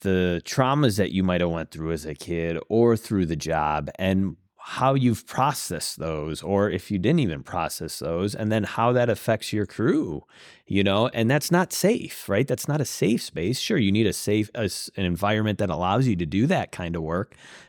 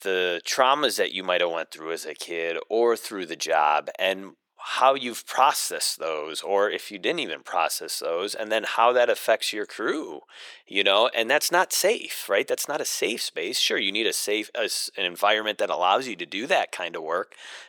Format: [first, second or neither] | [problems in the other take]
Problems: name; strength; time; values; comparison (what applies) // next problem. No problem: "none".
first | thin; very; fading below 500 Hz